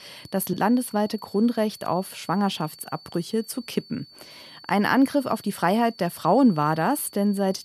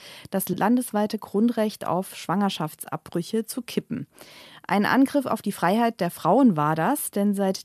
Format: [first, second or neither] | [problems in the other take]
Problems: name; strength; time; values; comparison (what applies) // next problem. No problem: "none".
second | high-pitched whine; faint; throughout; 4.5 kHz, 20 dB below the speech